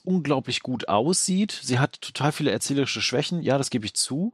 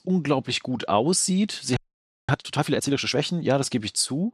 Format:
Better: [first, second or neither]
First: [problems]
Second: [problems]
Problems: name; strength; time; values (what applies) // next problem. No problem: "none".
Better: first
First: none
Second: audio freezing; at 2 s for 0.5 s